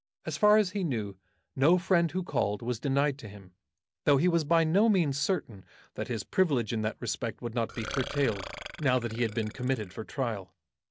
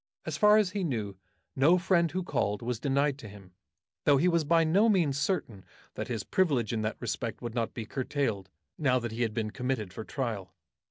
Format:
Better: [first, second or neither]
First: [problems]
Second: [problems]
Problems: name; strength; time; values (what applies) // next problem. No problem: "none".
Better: second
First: background sound (Burping, eructation); 13 dB below the speech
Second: none